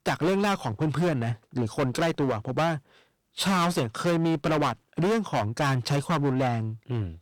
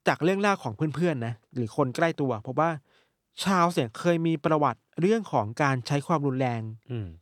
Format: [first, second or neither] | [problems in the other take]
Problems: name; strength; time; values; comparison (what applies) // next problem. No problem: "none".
second | distortion; heavy; 18% of the sound clipped